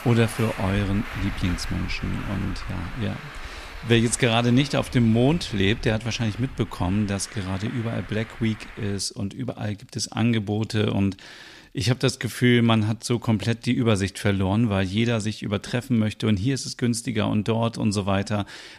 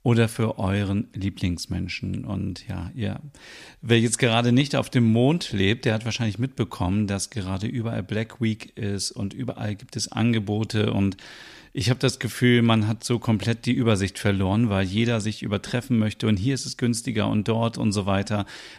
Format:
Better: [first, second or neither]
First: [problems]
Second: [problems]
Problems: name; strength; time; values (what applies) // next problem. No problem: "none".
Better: second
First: traffic noise; noticeable; throughout; 15 dB below the speech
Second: none